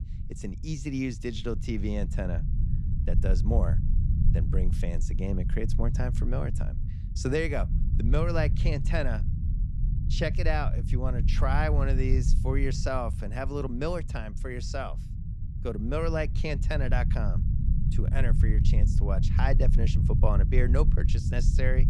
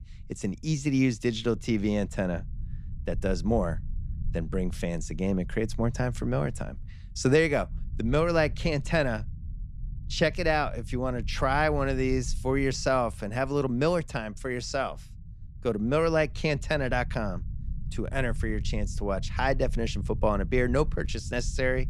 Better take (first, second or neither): second